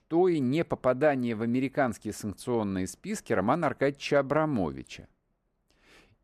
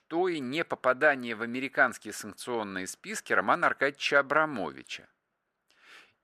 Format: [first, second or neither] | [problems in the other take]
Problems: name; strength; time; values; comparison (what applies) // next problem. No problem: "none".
first | thin; somewhat; fading below 700 Hz